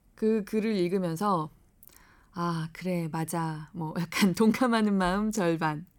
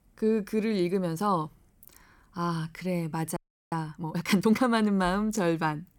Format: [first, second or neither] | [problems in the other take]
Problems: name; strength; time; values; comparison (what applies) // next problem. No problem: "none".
first | audio freezing; at 3.5 s